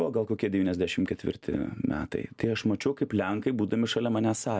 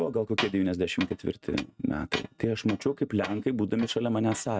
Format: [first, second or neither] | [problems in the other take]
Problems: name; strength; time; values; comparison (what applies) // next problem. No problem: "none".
first | noise reduction (neural mask model RNNoise)